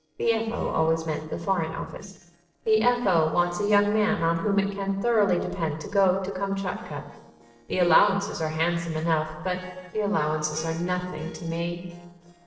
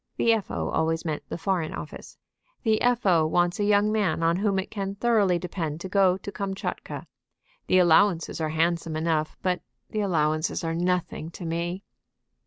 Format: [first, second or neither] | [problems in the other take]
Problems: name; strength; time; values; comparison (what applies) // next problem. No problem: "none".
second | noise reduction (neural separator model SepFormer DNS4)